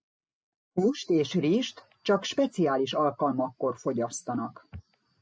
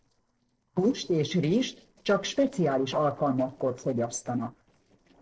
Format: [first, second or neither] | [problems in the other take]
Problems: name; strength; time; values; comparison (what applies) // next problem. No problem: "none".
first | noise reduction (neural separator model SepFormer DNS4)